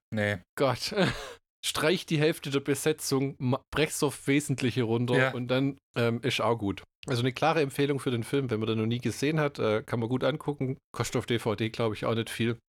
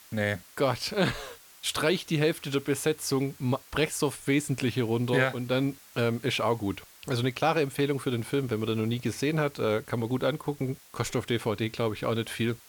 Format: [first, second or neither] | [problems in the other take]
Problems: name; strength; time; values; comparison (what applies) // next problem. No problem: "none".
first | hiss; faint; throughout; 20 dB below the speech